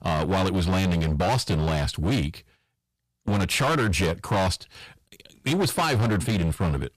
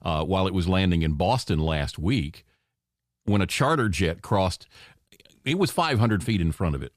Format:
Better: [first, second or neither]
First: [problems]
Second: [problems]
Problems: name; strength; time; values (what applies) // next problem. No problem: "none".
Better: second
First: distortion; heavy; 20% of the sound clipped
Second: none